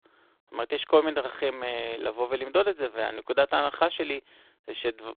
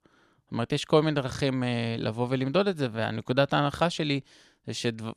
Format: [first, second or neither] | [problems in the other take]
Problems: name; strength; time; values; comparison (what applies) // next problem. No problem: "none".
second | phone-call audio; poor line; nothing above 3.5 kHz